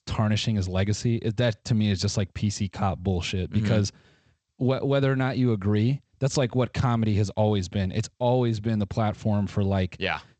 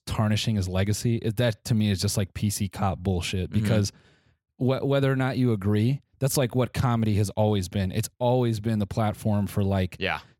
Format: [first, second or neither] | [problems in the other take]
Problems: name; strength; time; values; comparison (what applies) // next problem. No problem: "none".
second | garbled, watery; slightly; nothing above 8 kHz